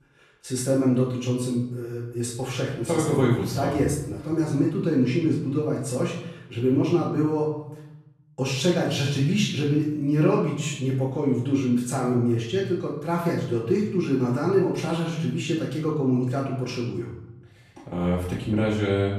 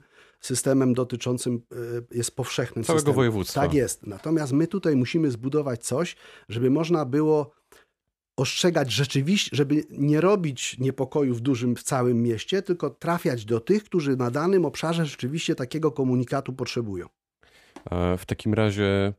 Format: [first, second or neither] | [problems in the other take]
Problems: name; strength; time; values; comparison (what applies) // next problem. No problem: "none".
second | off-mic speech; far // room echo; noticeable; dies away in 0.8 s